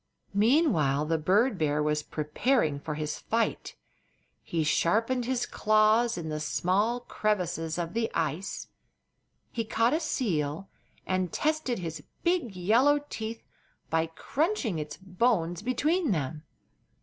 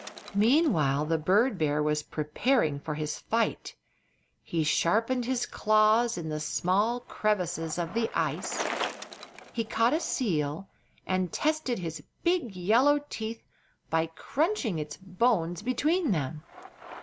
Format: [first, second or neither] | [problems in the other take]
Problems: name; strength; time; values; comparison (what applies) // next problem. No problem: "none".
first | background sound (Bicycle); 17 dB below the speech